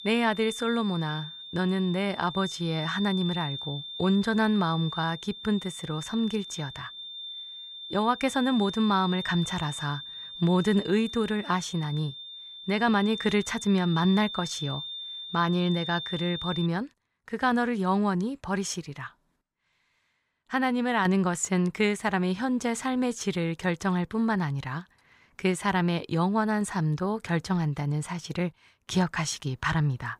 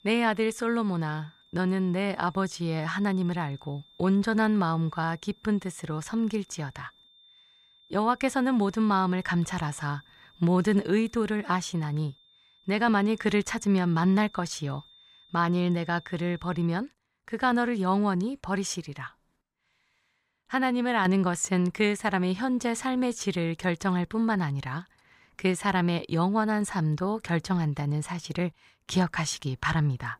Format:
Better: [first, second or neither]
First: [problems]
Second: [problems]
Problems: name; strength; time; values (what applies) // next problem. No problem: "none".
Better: second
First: high-pitched whine; loud; until 17 s; 3.5 kHz, 9 dB below the speech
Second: high-pitched whine; faint; until 17 s; 3.5 kHz, 30 dB below the speech